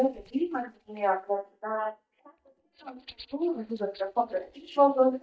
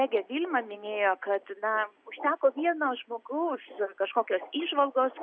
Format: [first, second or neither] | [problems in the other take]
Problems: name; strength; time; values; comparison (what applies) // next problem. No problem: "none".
second | noise reduction (neural mask model DeepFilterNet 3)